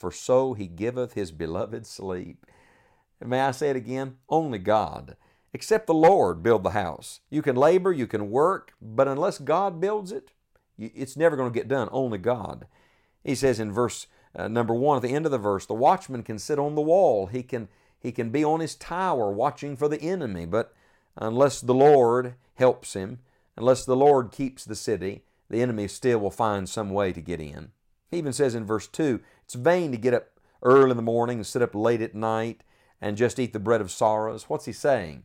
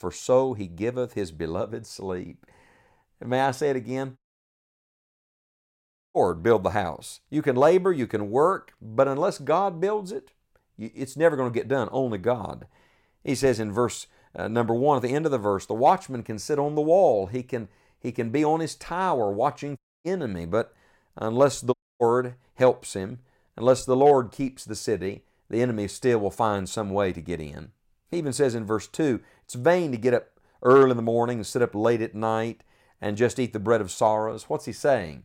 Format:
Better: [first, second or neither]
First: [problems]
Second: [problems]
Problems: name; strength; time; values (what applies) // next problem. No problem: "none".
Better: first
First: none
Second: audio cutting out; at 4 s for 2 s, at 20 s and at 22 s